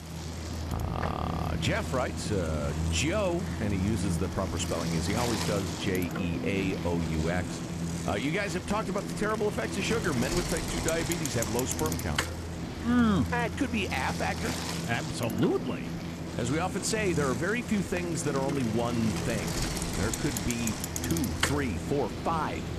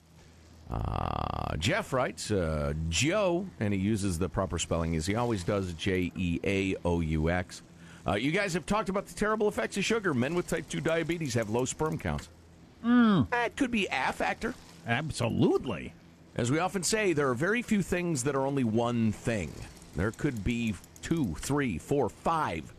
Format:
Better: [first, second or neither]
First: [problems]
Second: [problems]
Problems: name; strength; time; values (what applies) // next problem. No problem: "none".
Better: second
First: traffic noise; loud; throughout; 2 dB below the speech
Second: traffic noise; faint; throughout; 20 dB below the speech